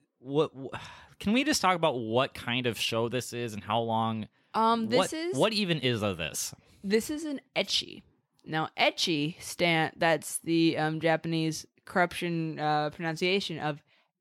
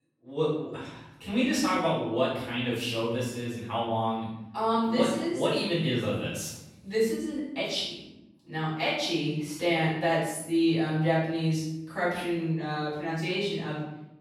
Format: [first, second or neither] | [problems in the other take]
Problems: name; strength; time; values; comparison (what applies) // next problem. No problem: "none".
first | off-mic speech; far // room echo; noticeable; dies away in 0.8 s